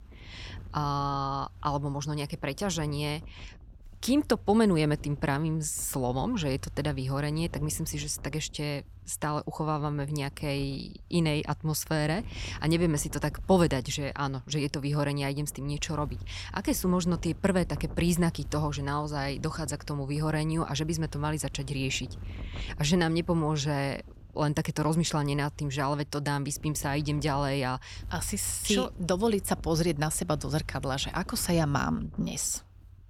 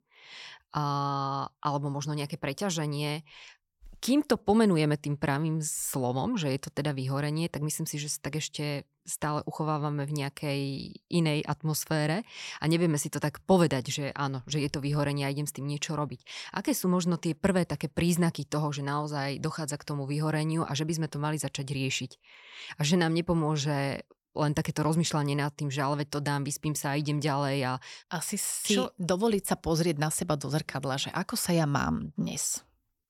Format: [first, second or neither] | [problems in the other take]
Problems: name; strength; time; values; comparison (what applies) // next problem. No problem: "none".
second | wind noise on the microphone; occasional gusts; 25 dB below the speech